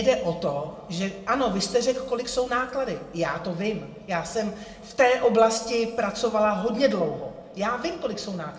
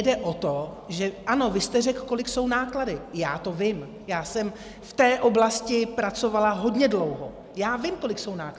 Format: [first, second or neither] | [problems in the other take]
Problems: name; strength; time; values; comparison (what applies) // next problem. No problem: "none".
second | room echo; dies away in 0.8 s